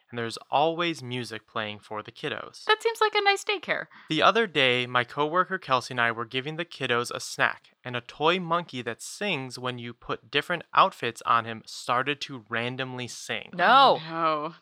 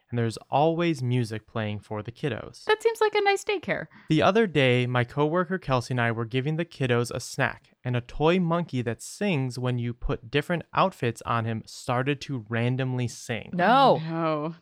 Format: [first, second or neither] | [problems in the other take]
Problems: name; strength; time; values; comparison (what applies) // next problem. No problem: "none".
second | thin; somewhat; fading below 450 Hz